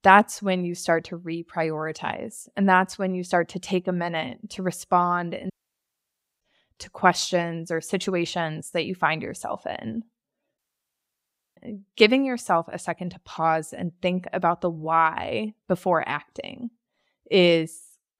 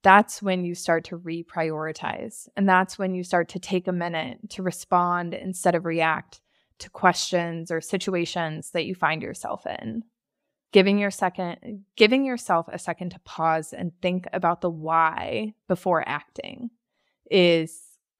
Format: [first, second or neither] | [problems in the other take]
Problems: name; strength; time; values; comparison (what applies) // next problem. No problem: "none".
second | audio cutting out; at 5.5 s for 1 s and at 11 s for 1 s